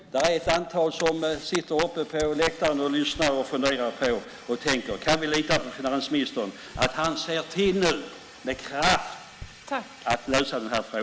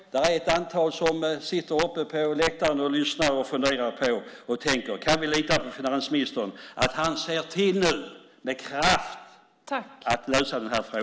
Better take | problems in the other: second | background sound (Fire + Walk, footsteps); 18 dB below the speech

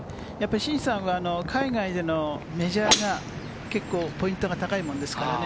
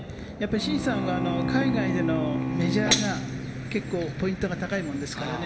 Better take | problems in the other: first | background sound (Bowed string instrument); 1 dB below the speech // room echo; dies away in 1.2 s

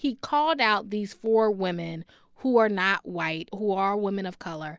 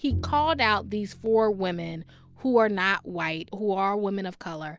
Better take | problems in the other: first | background sound (Bowed string instrument); 12 dB below the speech

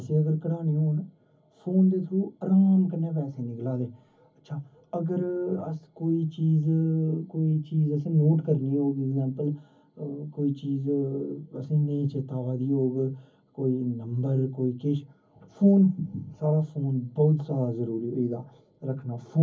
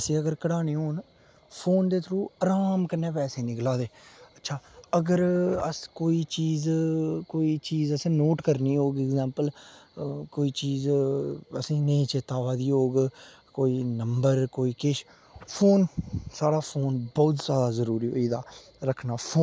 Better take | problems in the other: second | room echo; dies away in 0.3 s

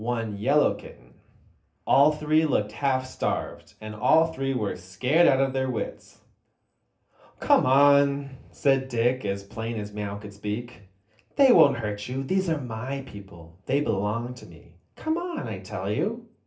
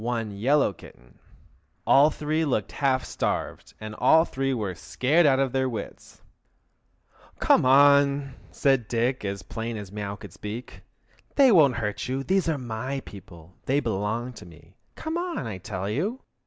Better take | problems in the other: second | room echo; dies away in 0.3 s

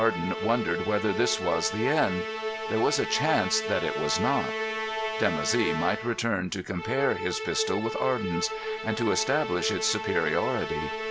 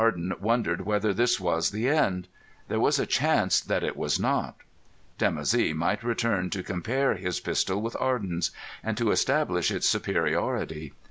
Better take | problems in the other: second | background sound (Musical instrument); 4 dB below the speech

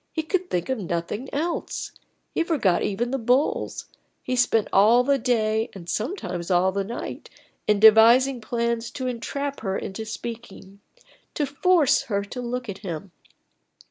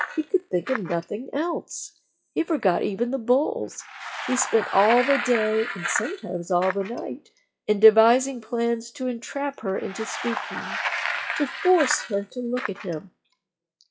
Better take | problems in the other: first | noise reduction (classical method WPE with log-MMSE)

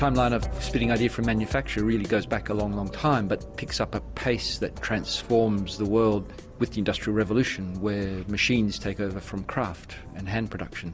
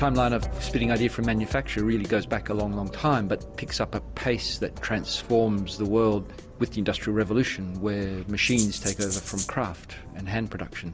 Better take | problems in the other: first | background sound (Rattle (instrument)); 6 dB below the speech

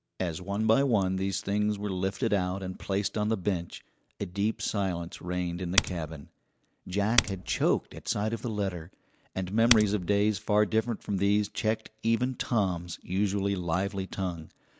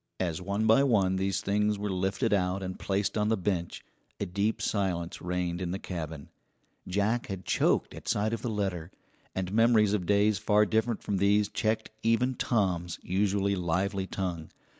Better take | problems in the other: second | background sound (Typing); 2 dB below the speech

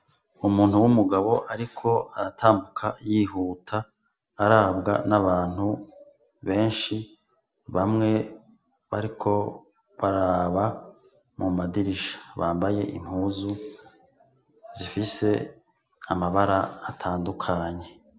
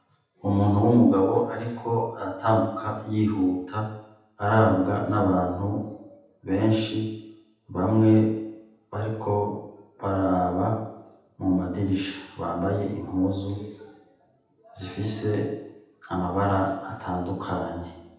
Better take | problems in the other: first | room echo; dies away in 0.8 s

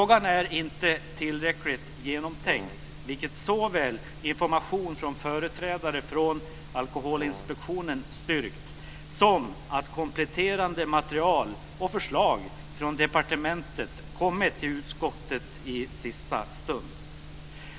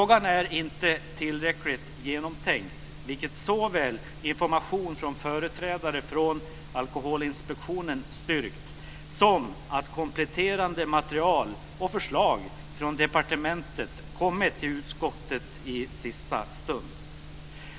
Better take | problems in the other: second | background sound (Brass instrument); 15 dB below the speech

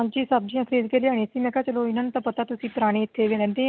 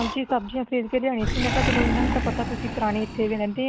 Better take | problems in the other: first | background sound (Animal); 1 dB below the speech

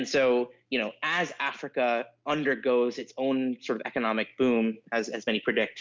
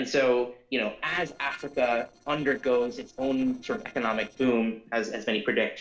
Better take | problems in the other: first | noise reduction (neural separator model SepFormer DNS4)

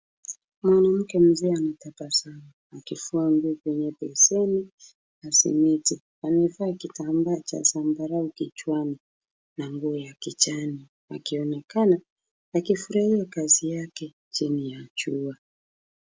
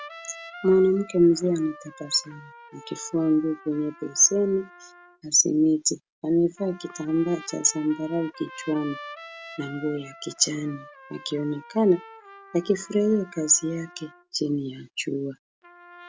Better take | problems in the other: first | background sound (Trumpet); 20 dB below the speech

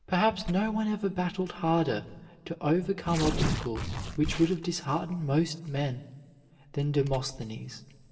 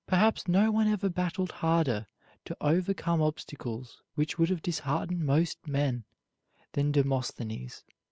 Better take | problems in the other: second | background sound (Tearing); 9 dB below the speech // room echo; dies away in 1.4 s

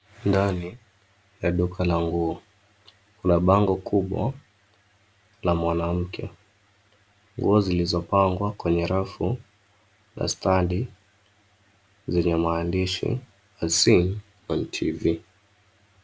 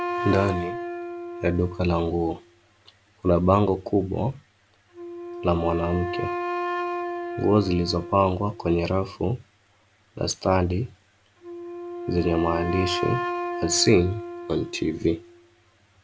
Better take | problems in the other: first | background sound (Wind instrument, woodwind instrument); 8 dB below the speech

